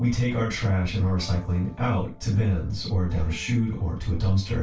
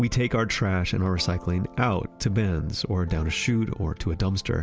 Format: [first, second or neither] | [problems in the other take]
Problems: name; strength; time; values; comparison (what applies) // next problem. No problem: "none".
second | room echo; dies away in 0.2 s